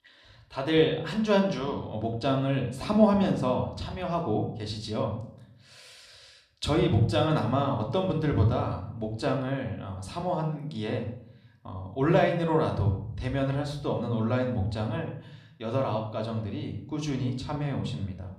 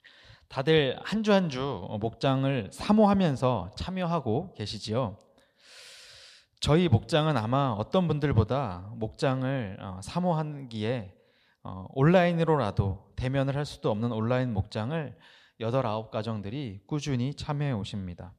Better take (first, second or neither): second